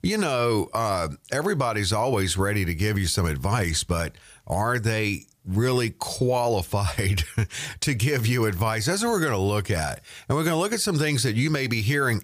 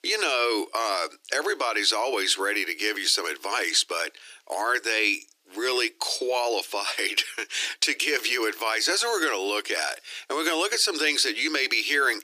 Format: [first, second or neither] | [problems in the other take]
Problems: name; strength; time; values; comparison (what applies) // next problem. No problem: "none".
first | thin; very; fading below 300 Hz